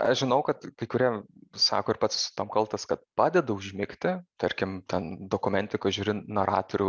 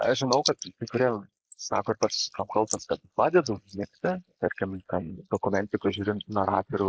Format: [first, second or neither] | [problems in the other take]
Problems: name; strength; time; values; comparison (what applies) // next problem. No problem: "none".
first | noise reduction (neural mask model Resemble Enhance denoiser)